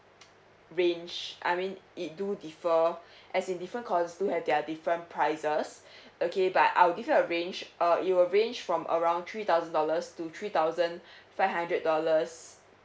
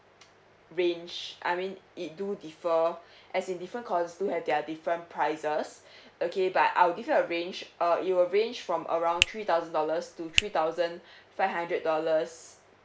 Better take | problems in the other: first | background sound (Finger snapping); 2 dB below the speech

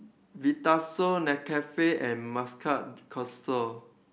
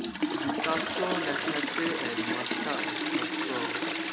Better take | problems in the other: first | background sound (Toilet flush); 5 dB above the speech

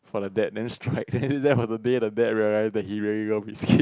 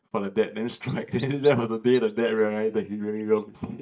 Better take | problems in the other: first | noise reduction (neural mask model DeepFilterNet 3)

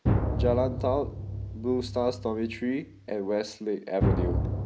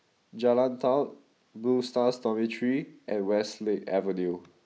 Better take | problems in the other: second | background sound (Drum); as loud as the speech

